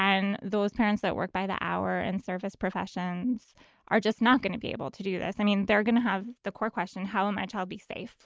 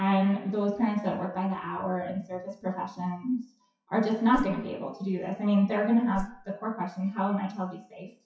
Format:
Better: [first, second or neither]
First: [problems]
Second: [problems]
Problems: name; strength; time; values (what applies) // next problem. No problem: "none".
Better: first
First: none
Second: noise reduction (classical method WPE with log-MMSE)